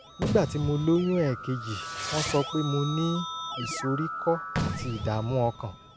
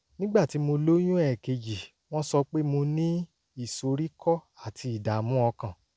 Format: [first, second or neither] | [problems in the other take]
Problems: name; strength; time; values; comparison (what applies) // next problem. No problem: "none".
second | background sound (Keyboard (musical) + Fireworks); 6 dB below the speech